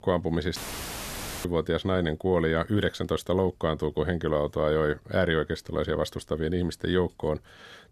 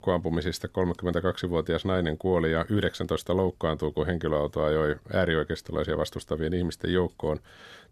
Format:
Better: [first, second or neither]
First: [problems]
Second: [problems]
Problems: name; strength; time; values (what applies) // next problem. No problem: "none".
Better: second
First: audio cutting out; filled with static; at 0.5 s for 1 s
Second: none